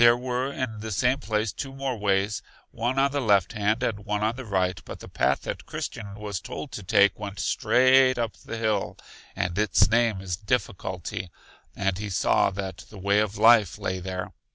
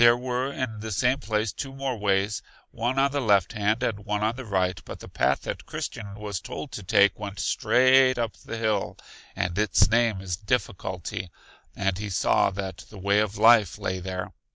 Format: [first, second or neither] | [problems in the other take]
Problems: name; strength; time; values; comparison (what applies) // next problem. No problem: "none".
first | noise reduction (neural mask model Resemble Enhance denoiser)